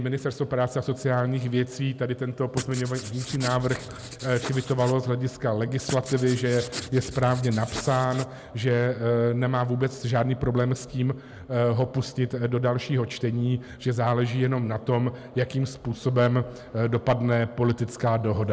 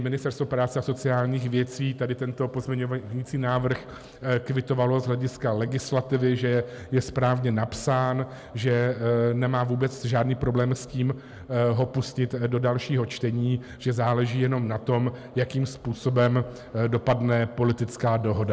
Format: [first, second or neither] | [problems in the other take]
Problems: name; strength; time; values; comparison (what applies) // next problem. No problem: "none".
second | background sound (Writing); 13 dB below the speech